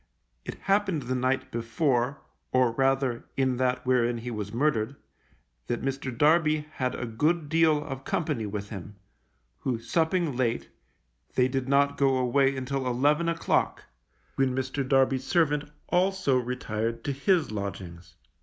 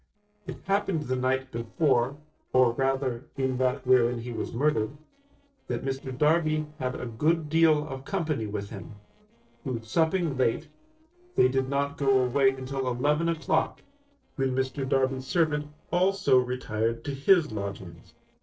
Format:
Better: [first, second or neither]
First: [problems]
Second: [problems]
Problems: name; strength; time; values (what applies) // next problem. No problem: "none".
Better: first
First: none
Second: noise reduction (neural separator model SepFormer DNS4)